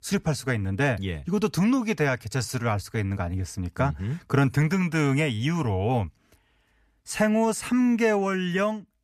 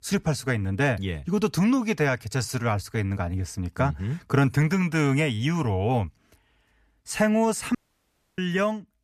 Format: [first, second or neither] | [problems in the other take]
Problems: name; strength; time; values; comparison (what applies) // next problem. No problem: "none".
first | audio cutting out; at 8 s for 0.5 s